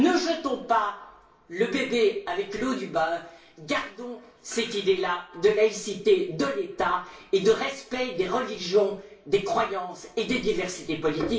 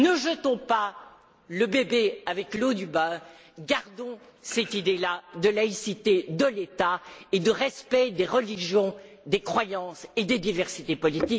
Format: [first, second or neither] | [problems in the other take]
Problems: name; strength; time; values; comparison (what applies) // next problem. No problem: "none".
second | room echo; dies away in 0.3 s